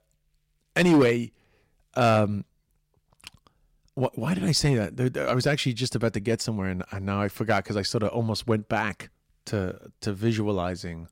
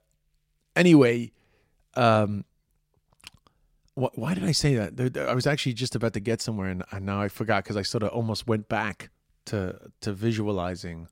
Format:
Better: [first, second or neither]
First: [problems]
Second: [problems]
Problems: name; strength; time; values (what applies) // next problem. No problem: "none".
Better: second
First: distortion; slight; 1.7% of the sound clipped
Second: none